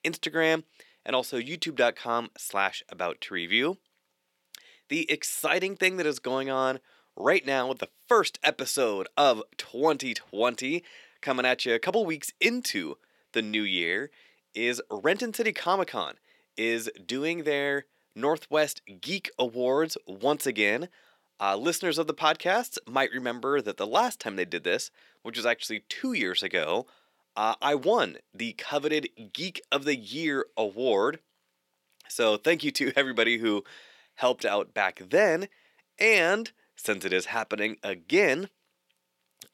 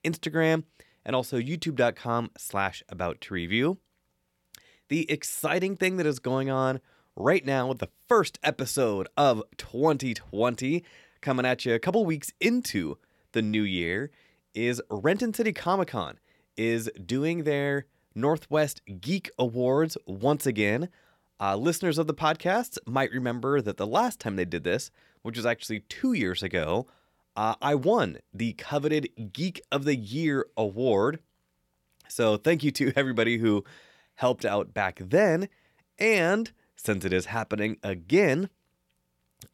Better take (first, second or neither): second